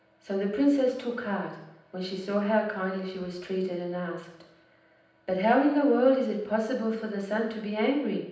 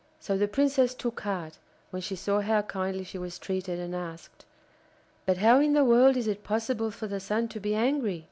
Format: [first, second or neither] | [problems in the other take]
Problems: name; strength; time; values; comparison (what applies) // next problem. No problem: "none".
second | room echo; dies away in 0.9 s